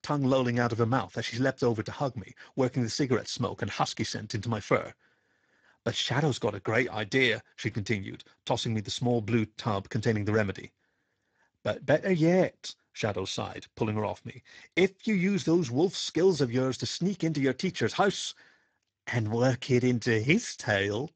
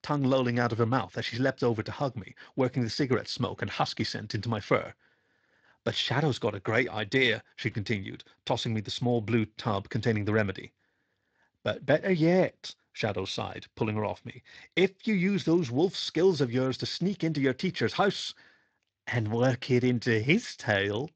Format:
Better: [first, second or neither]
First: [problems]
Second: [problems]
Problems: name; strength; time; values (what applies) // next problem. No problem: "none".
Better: second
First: garbled, watery; badly; nothing above 7.5 kHz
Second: garbled, watery; slightly; nothing above 7.5 kHz